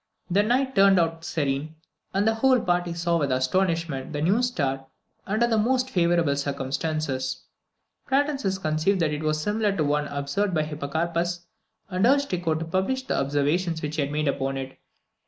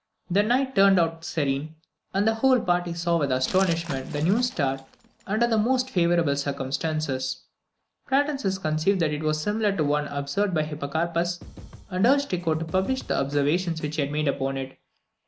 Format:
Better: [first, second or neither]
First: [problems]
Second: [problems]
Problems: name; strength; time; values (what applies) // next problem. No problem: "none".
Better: first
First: none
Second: background sound (Snare drum / Drum kit + Glass); 18 dB below the speech